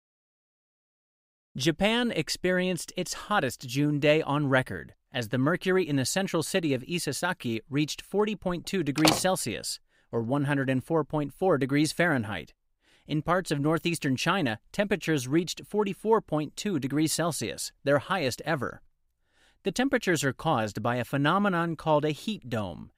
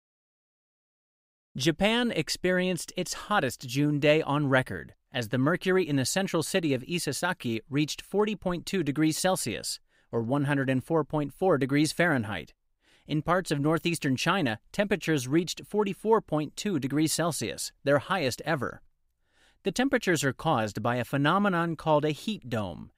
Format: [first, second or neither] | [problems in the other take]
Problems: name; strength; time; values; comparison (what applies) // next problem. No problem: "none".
second | door banging; loud; at 9 s; peak 2 dB above the speech